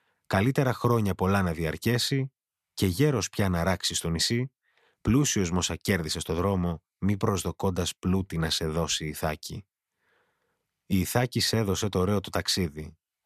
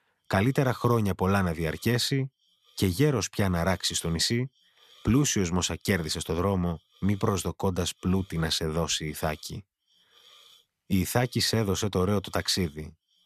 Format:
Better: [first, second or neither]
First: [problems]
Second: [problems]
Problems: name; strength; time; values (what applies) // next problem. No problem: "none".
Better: first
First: none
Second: hiss; faint; throughout; 30 dB below the speech